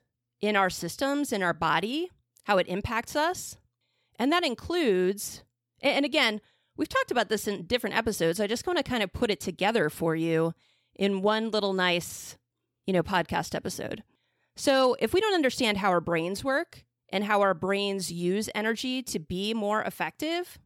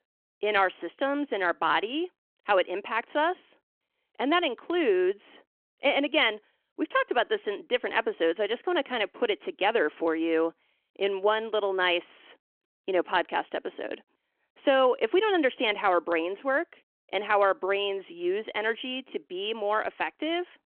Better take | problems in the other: first | phone-call audio

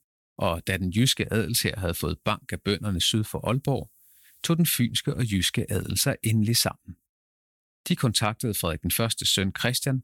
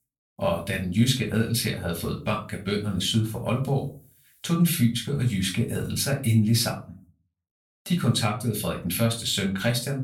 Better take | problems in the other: first | off-mic speech; somewhat distant // room echo; slight; dies away in 0.3 s

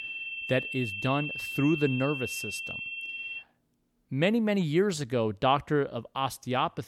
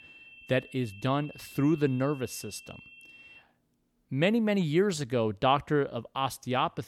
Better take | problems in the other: second | high-pitched whine; loud; until 3.5 s; 2.5 kHz, 5 dB below the speech; faint in the second

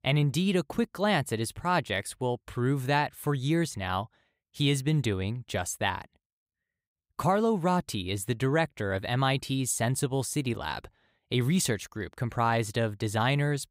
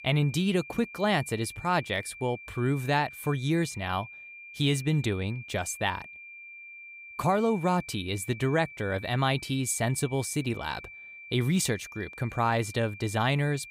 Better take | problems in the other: first | high-pitched whine; noticeable; throughout; 2.5 kHz, 15 dB below the speech

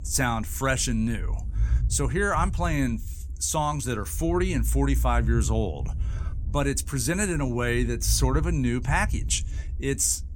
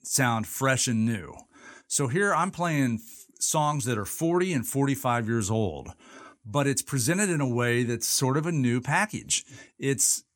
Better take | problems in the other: second | low rumble; faint; throughout; 20 dB below the speech

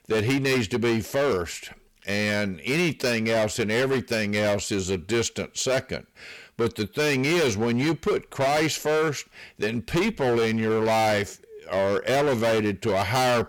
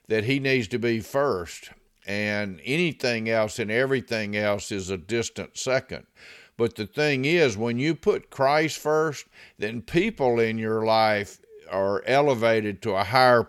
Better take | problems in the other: second | distortion; heavy; 20% of the sound clipped

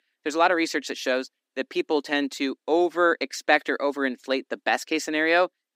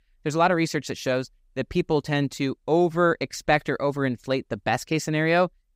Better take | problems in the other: second | thin; very slightly; fading below 250 Hz

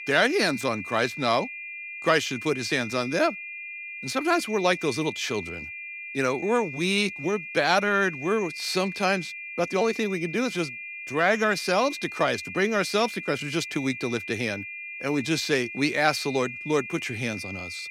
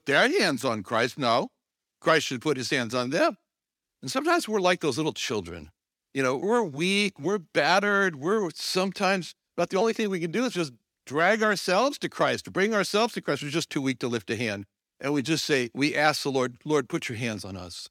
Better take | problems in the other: second | high-pitched whine; loud; throughout; 2.5 kHz, 9 dB below the speech

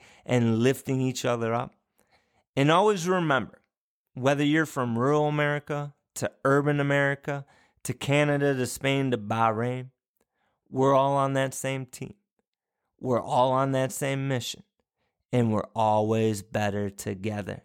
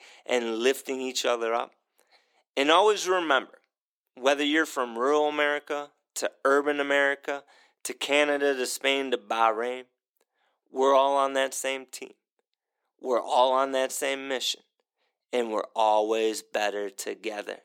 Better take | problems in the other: first | thin; somewhat; fading below 300 Hz

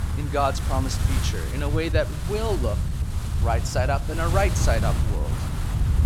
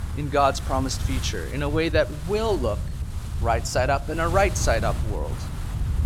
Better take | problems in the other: second | wind noise on the microphone; heavy; 9 dB below the speech; occasional gusts in the second

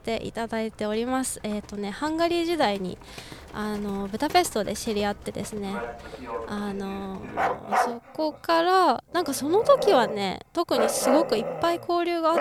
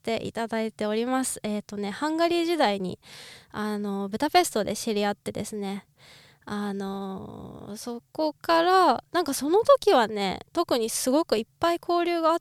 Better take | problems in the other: second | animal sounds; loud; throughout; 5 dB below the speech

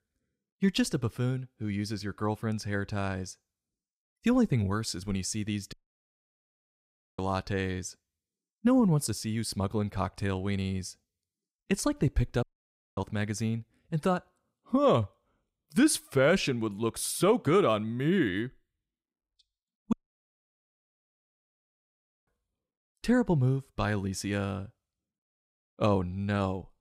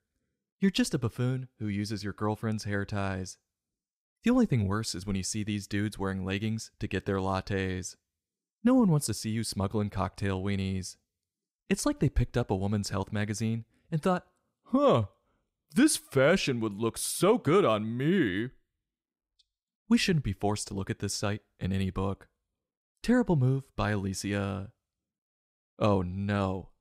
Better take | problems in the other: second | audio cutting out; at 5.5 s for 1.5 s, at 12 s for 0.5 s and at 20 s for 2.5 s

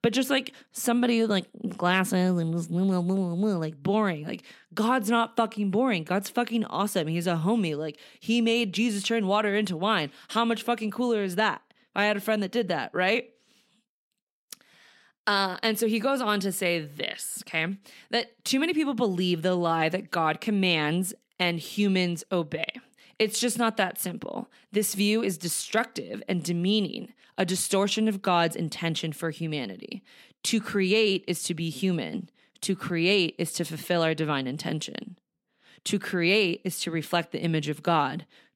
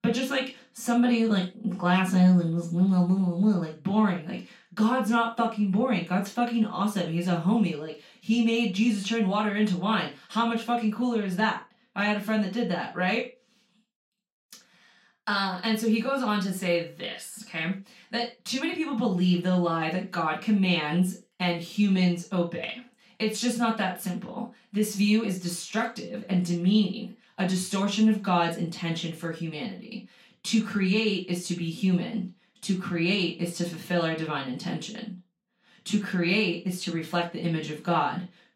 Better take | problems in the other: first | room echo; slight; dies away in 0.3 s // off-mic speech; far

